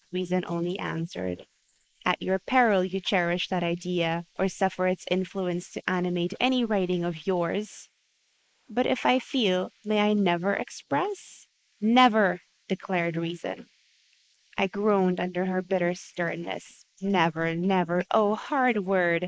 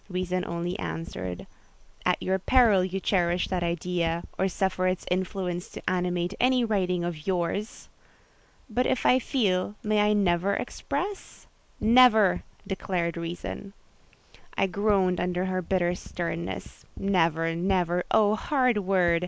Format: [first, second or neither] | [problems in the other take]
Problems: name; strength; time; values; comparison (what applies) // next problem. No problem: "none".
second | noise reduction (neural mask model Resemble Enhance denoiser)